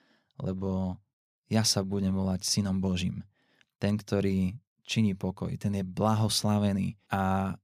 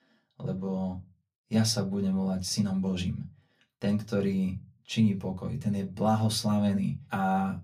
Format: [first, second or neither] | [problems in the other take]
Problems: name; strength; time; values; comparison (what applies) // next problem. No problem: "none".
first | off-mic speech; far // room echo; very slight; dies away in 0.2 s